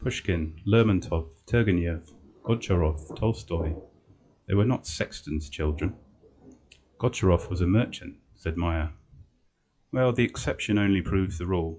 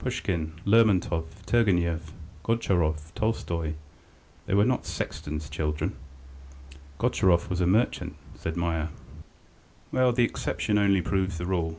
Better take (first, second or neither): second